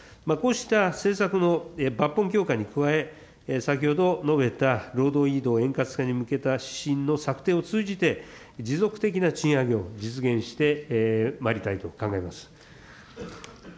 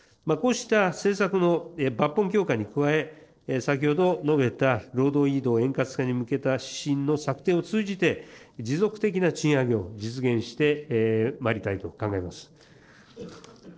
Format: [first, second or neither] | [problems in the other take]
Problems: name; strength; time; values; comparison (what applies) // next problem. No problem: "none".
first | noise reduction (neural separator model SepFormer DNS4)